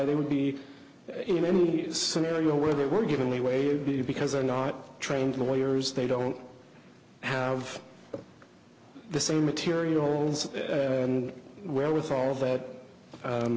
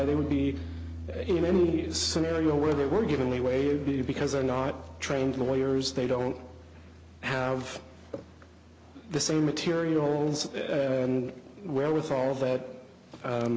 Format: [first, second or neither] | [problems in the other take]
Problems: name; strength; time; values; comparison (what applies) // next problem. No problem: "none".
first | background sound (Piano); 15 dB below the speech